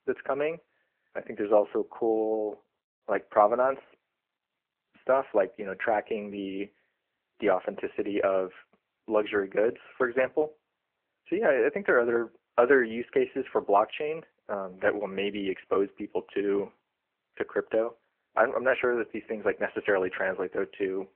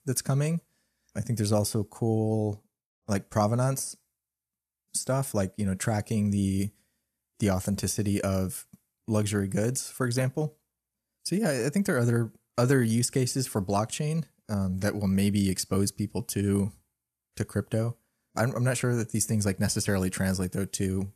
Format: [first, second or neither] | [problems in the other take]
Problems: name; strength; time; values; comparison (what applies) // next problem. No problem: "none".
second | phone-call audio